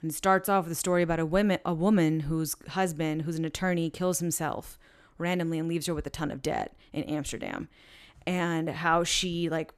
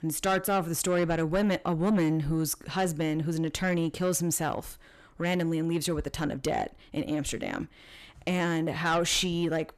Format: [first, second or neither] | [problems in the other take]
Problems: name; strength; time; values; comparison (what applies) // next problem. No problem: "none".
first | distortion; slight; 10 dB below the speech